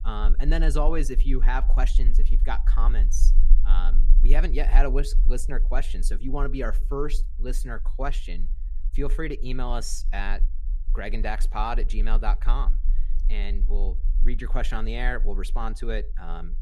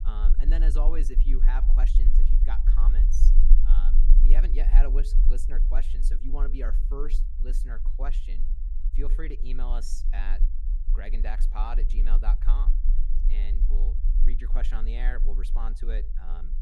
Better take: first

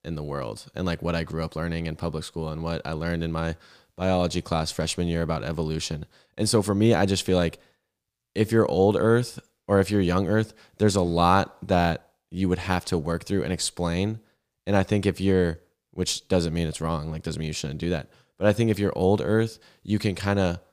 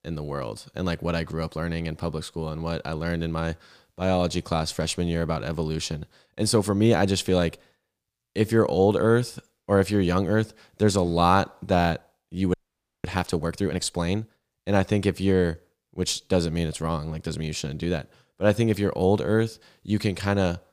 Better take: first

